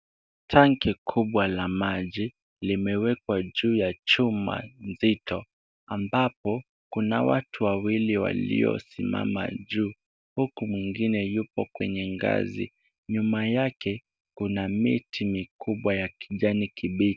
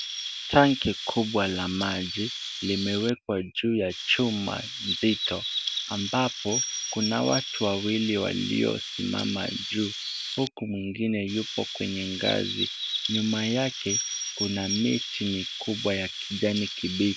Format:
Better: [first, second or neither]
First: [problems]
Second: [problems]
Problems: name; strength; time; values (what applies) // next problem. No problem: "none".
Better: first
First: none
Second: background sound (Chirp, tweet); 6 dB below the speech